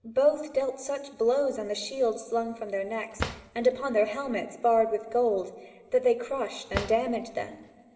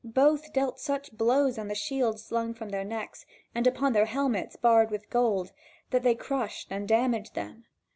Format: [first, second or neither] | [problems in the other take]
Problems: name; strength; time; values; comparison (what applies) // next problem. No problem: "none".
second | background sound (Drawer open or close); 10 dB below the speech // room echo; dies away in 2.7 s